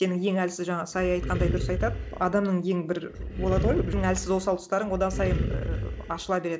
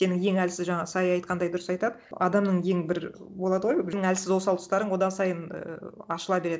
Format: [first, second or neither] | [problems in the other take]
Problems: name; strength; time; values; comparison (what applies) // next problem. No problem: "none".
second | background sound (Animal); 2 dB below the speech